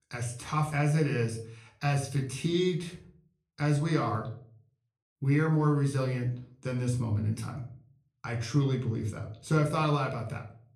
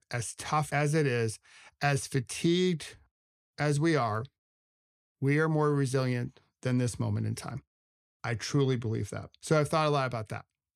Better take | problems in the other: second | off-mic speech; somewhat distant // room echo; slight; dies away in 0.4 s

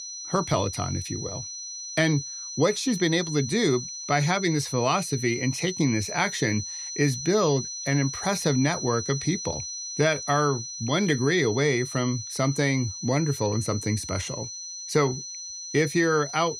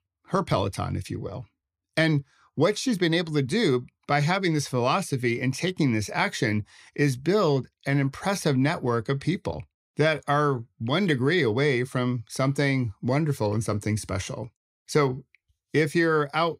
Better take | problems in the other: second | high-pitched whine; loud; throughout; 6 kHz, 8 dB below the speech

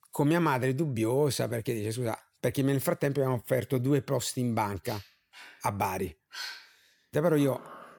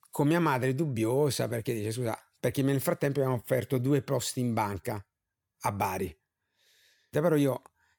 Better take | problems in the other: second | dog barking; noticeable; from 5 s on; peak 9 dB below the speech

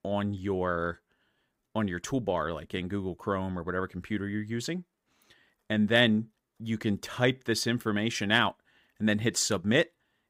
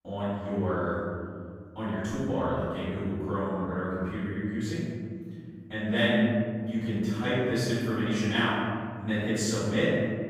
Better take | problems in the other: first | off-mic speech; far // room echo; strong; dies away in 2.5 s

